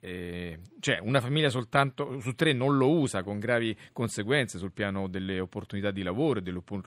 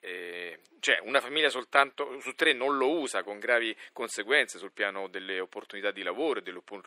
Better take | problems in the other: first | thin; very; fading below 350 Hz

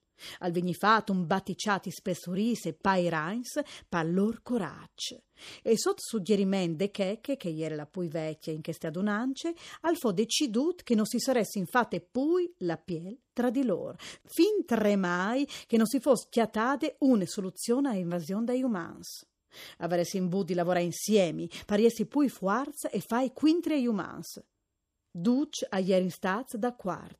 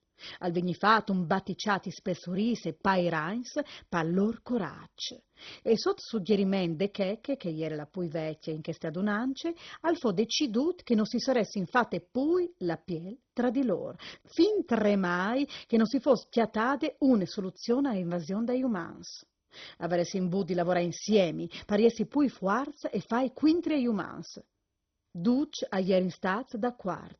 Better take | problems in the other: first | garbled, watery; badly; nothing above 6 kHz

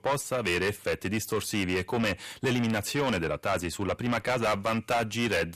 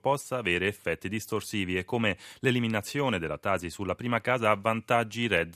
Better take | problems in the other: second | distortion; heavy; 6 dB below the speech

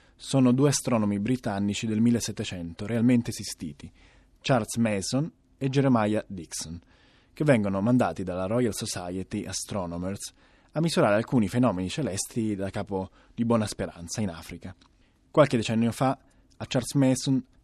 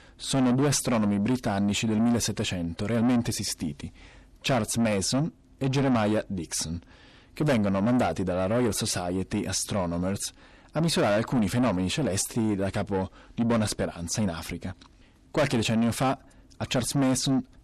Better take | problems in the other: first | distortion; heavy; 7 dB below the speech

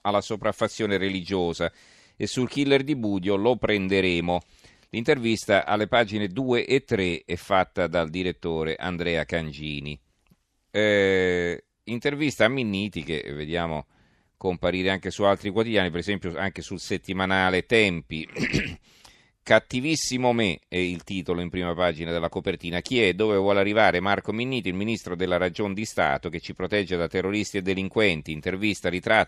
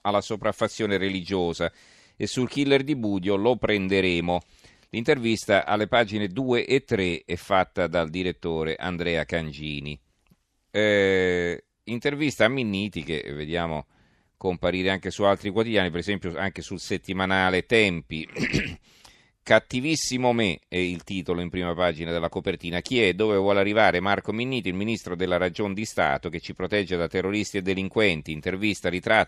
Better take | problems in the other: neither | none

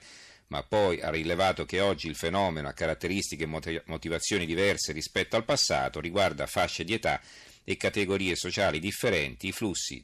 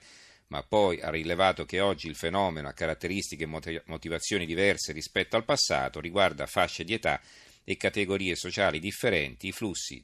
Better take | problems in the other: second | distortion; slight; 10 dB below the speech

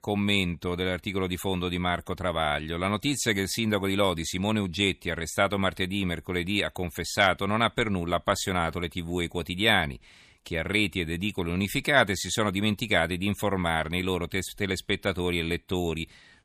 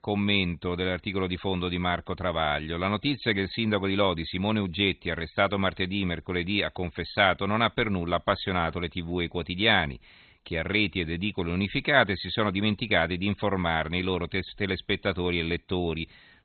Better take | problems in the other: first | garbled, watery; badly; nothing above 4 kHz

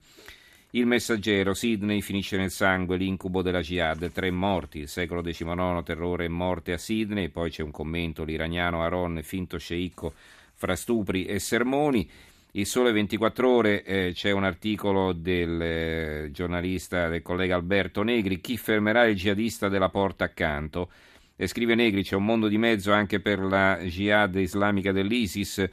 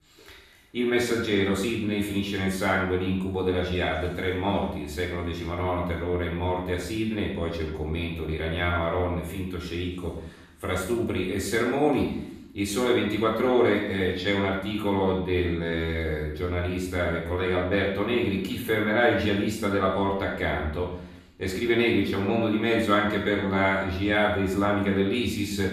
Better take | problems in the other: first | off-mic speech; far // room echo; noticeable; dies away in 0.6 s

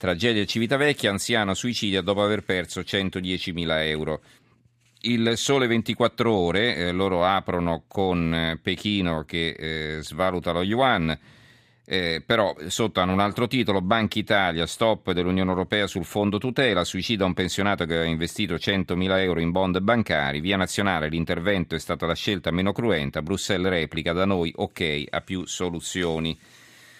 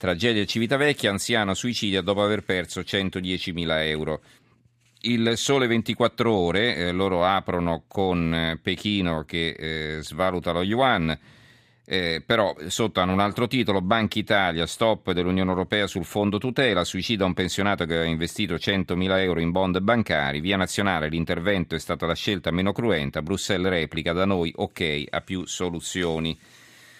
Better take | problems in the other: neither | none

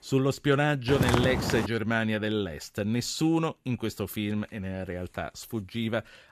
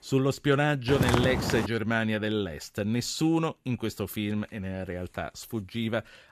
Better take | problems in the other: neither | footsteps; loud; at 1 s; peak 2 dB above the speech; the same in both

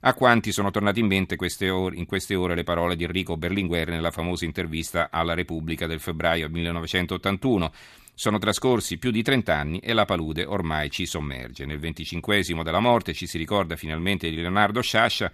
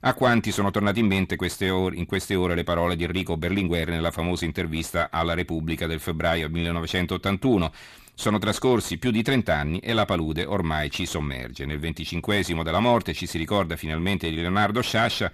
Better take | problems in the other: first | distortion; slight; 10 dB below the speech

